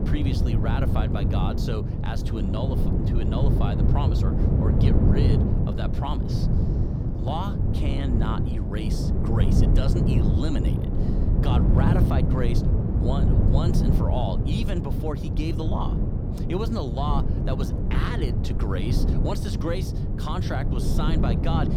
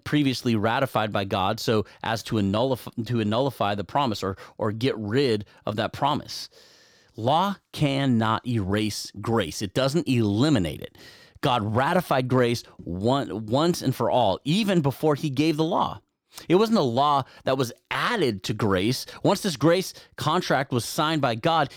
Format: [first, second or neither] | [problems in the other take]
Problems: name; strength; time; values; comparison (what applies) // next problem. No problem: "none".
second | wind noise on the microphone; heavy; 1 dB below the speech